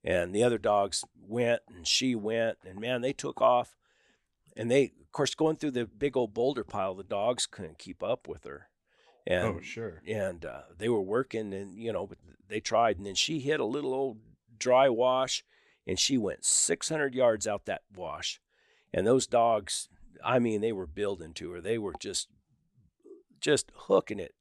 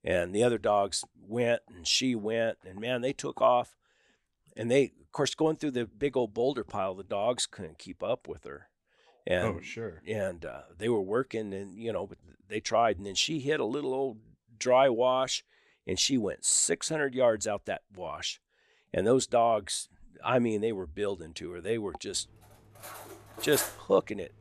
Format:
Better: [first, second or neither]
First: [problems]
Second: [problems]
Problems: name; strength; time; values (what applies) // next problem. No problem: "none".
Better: first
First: none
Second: clattering dishes; noticeable; at 23 s; peak 4 dB below the speech